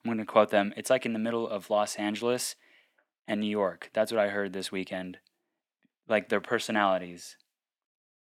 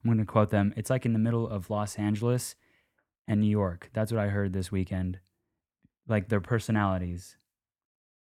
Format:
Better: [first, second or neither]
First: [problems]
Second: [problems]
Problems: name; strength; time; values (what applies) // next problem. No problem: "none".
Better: second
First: thin; somewhat; fading below 250 Hz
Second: none